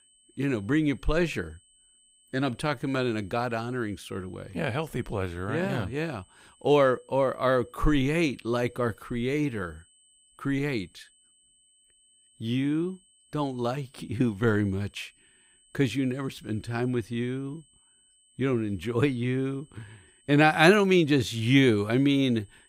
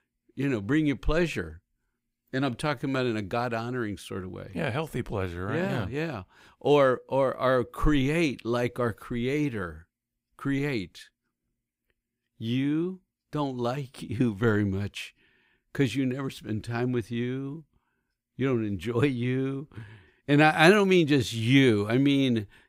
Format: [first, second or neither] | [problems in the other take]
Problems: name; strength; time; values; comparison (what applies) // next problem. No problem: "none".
second | high-pitched whine; faint; throughout; 8 kHz, 35 dB below the speech